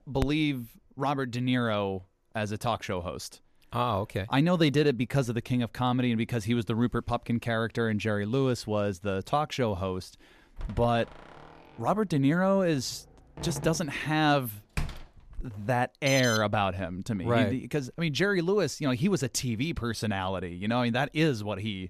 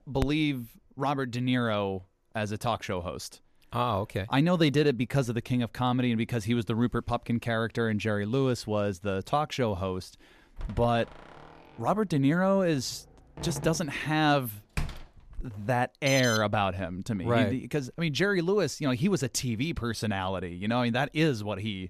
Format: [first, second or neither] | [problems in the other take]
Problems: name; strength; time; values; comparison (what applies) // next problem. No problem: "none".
neither | door banging; noticeable; from 11 to 15 s; peak 8 dB below the speech; the same in both // alarm; noticeable; at 16 s; peak 3 dB below the speech; the same in both